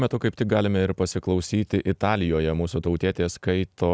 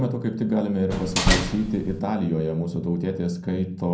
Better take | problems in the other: first | background sound (Slam); as loud as the speech // room echo; dies away in 0.6 s

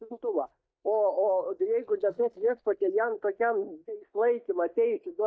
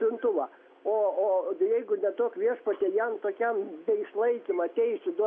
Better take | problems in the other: second | noise reduction (neural mask model DeepFilterNet 3)

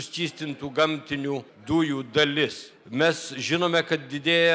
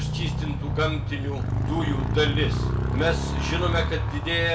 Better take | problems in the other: first | background sound (Motorcycle); 3 dB above the speech // room echo; dies away in 0.2 s

